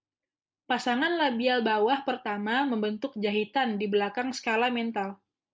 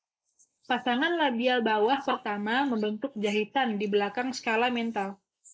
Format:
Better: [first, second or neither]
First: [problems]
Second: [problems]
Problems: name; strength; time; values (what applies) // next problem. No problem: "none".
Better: first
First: none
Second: noise reduction (neural mask model Resemble Enhance denoiser)